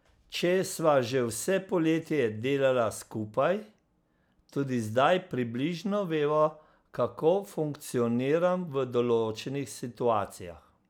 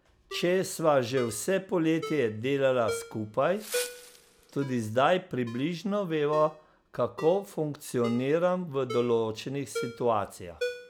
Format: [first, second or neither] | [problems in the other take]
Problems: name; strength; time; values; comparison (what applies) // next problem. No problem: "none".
first | background sound (Wind + Ringtone); 13 dB below the speech